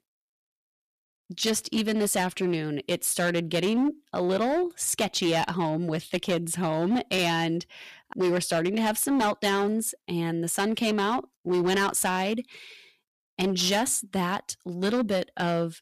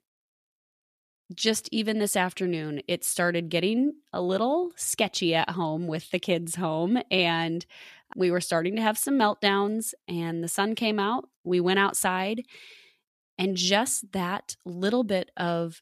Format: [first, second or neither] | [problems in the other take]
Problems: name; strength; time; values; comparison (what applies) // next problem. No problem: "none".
second | distortion; slight; 9% of the sound clipped